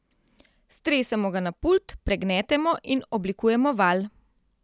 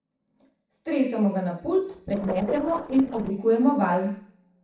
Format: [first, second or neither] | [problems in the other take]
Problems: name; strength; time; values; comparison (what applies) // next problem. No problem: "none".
first | noise reduction (neural separator model SepFormer DNS4)